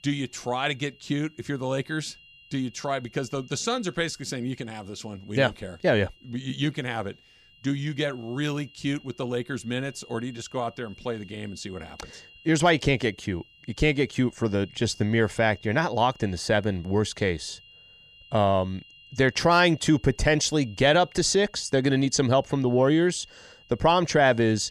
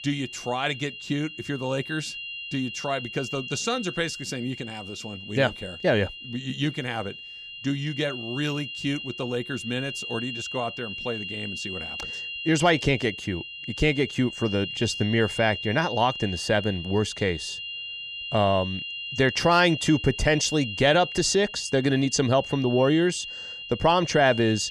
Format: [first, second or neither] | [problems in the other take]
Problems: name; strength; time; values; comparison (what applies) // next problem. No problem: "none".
first | high-pitched whine; loud; throughout; 3 kHz, 8 dB below the speech; faint in the first